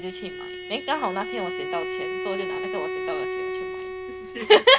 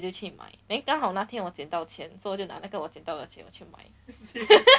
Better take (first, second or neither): second